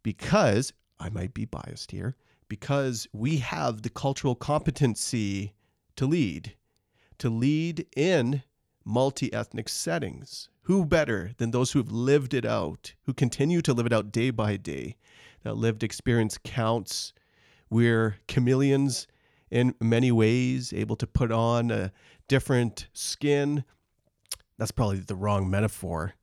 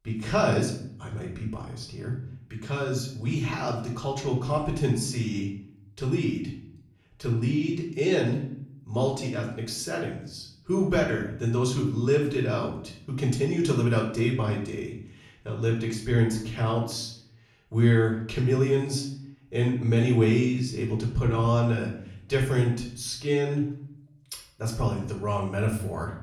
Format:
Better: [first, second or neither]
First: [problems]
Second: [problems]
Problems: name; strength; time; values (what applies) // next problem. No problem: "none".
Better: first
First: none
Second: off-mic speech; far // room echo; slight; dies away in 0.6 s